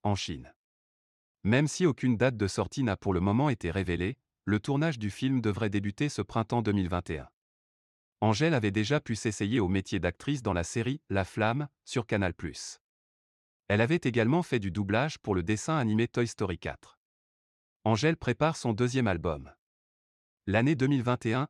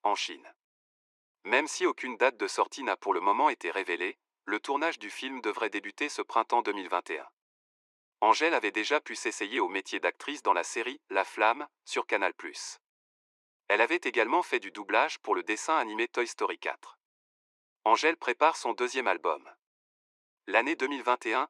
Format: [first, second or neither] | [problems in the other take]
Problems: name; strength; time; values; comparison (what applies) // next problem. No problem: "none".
first | thin; very; fading below 350 Hz